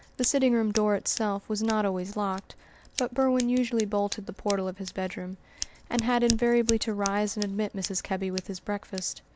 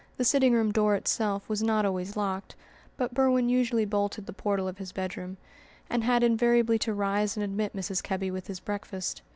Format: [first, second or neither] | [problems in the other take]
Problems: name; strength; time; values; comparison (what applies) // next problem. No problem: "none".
second | background sound (Scissors); 12 dB below the speech